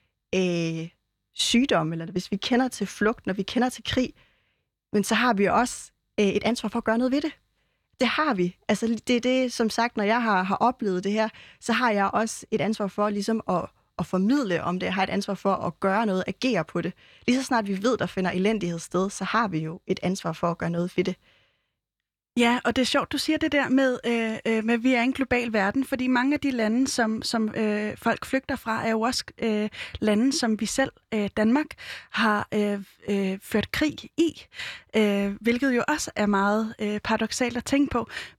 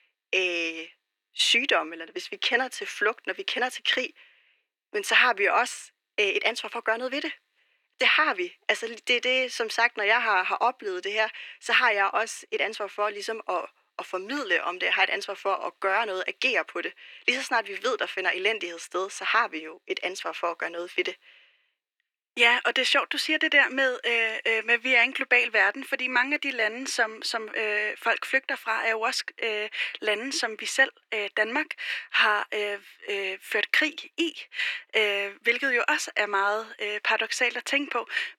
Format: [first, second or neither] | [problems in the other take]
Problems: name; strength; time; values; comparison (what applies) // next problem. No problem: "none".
first | thin; very; fading below 300 Hz